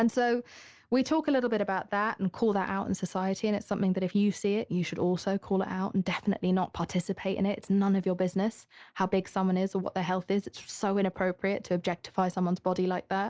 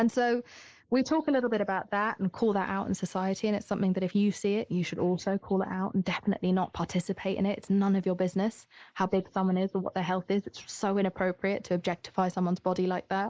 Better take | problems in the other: first | noise reduction (neural mask model Resemble Enhance denoiser)

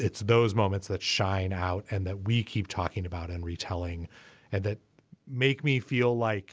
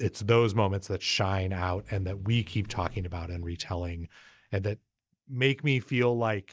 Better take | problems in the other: first | noise reduction (neural mask model DeepFilterNet 3)

